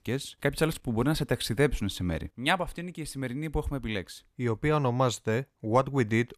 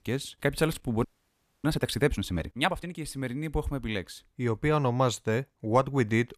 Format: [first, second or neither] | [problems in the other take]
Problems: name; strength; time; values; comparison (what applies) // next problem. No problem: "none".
first | audio freezing; at 1 s for 0.5 s